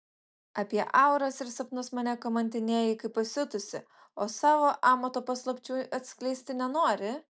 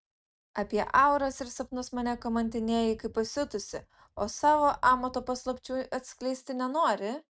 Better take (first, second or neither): first